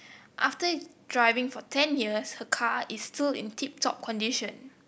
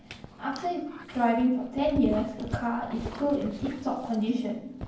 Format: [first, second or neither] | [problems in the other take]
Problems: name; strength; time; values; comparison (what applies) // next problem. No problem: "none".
first | background sound (Dog); 12 dB below the speech // room echo; dies away in 0.9 s